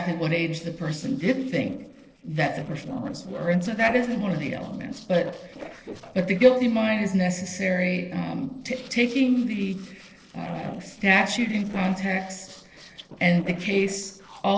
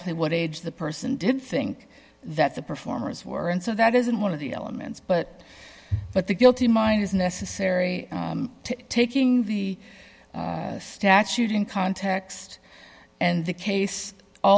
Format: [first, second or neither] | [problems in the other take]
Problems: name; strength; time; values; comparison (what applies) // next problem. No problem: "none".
second | noise reduction (neural separator model SepFormer DNS4)